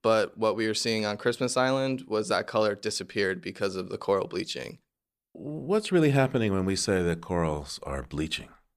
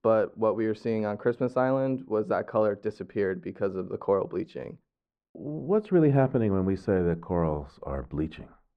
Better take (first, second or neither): first